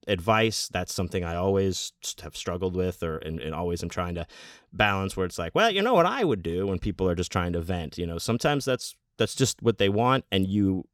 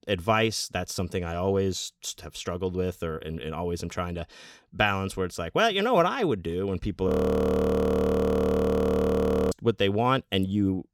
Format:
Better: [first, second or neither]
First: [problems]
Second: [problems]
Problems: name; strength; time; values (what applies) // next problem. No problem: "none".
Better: first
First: none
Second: audio freezing; at 7 s for 2.5 s